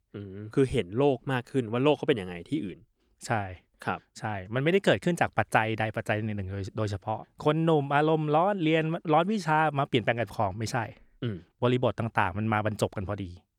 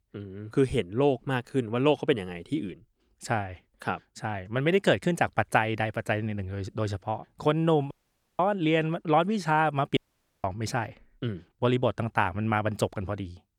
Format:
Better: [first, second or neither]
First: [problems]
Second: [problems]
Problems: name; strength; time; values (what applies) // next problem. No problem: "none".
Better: first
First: none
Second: audio cutting out; at 8 s and at 10 s